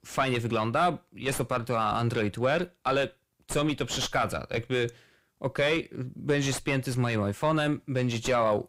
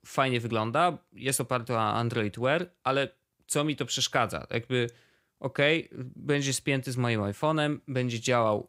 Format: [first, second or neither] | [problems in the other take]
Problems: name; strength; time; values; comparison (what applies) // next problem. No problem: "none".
second | distortion; heavy; 6 dB below the speech